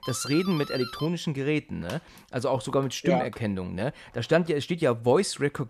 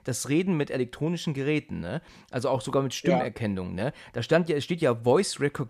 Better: second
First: doorbell; noticeable; until 4.5 s; peak 8 dB below the speech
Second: none

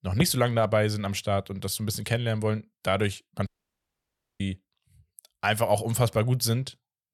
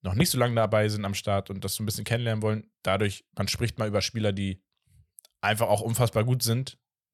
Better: second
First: audio cutting out; at 3.5 s for 1 s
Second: none

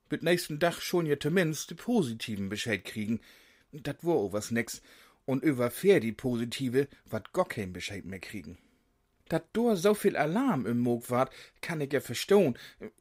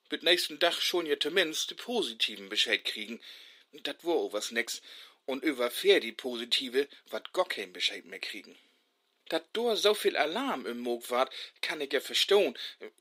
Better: first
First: none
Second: thin; somewhat; fading below 300 Hz

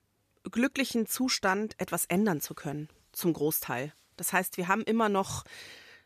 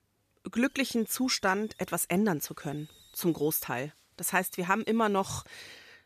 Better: first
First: none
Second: hiss; faint; from 0.5 to 2 s, from 2.5 to 3.5 s and from 4.5 to 5.5 s; 30 dB below the speech

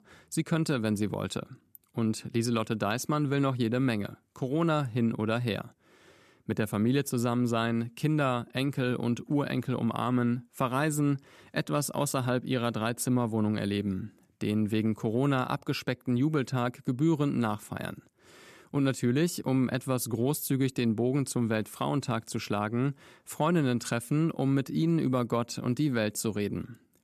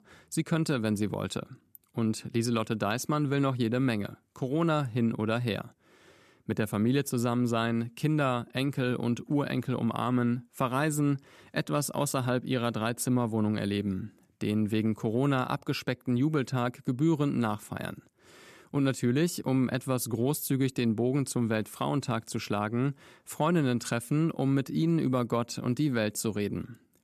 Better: neither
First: none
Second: none

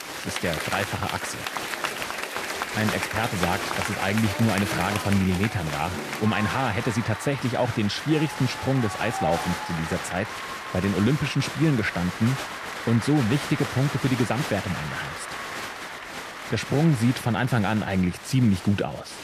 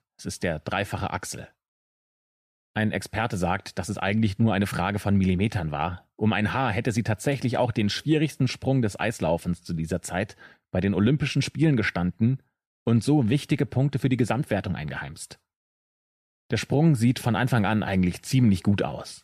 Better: second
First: crowd noise; loud; throughout; 6 dB below the speech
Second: none

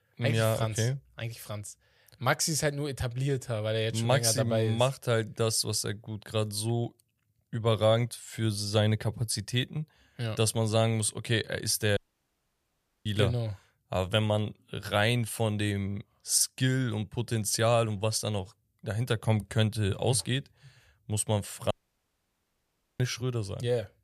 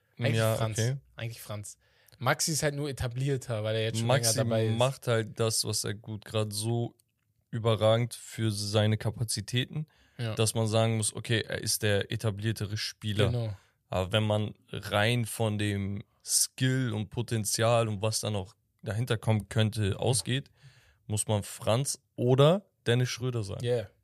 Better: second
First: audio cutting out; at 12 s for 1 s and at 22 s for 1.5 s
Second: none

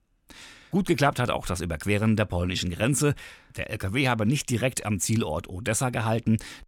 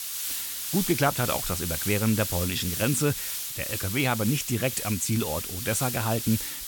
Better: first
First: none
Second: hiss; loud; throughout; 3 dB below the speech

